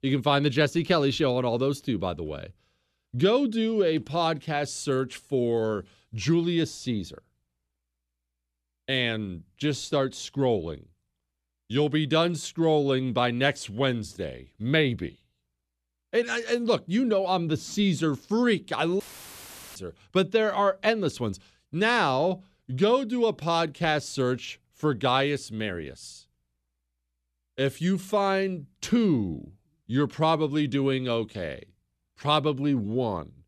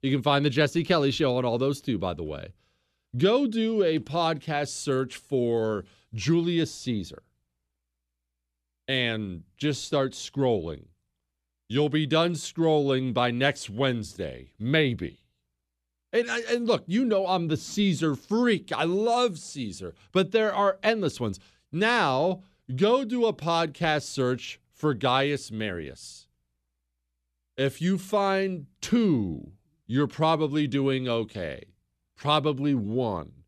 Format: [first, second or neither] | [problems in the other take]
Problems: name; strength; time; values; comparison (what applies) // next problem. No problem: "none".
second | audio cutting out; filled with static; at 19 s for 1 s